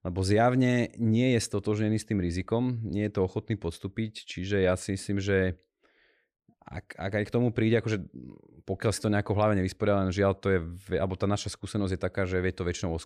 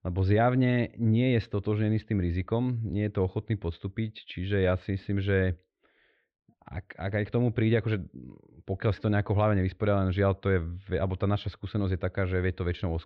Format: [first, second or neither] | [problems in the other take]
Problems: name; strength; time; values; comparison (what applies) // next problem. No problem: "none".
first | muffled; slightly; fading above 3.5 kHz